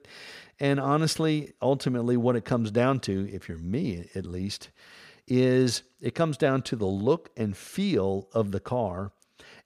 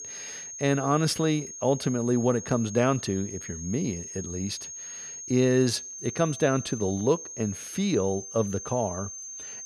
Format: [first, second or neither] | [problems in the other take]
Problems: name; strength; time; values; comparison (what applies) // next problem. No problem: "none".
first | high-pitched whine; loud; throughout; 6.5 kHz, 10 dB below the speech